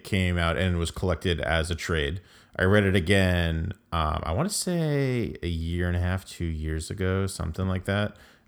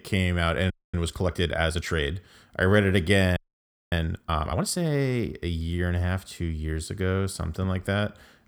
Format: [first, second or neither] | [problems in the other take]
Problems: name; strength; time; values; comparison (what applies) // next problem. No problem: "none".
first | audio freezing; at 0.5 s and at 3.5 s for 0.5 s